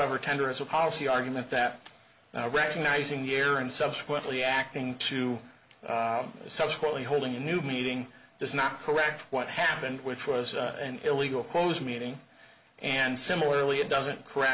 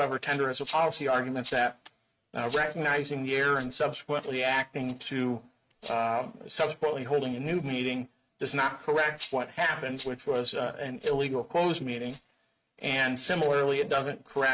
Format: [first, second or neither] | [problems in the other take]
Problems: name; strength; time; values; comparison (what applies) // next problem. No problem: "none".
first | noise reduction (neural mask model RNNoise)